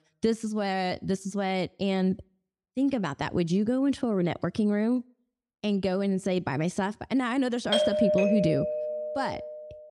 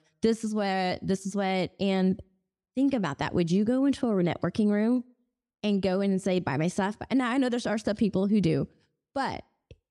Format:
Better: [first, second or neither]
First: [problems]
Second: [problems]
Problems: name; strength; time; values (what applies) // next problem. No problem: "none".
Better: second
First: doorbell; loud; from 7.5 s on; peak 4 dB above the speech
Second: none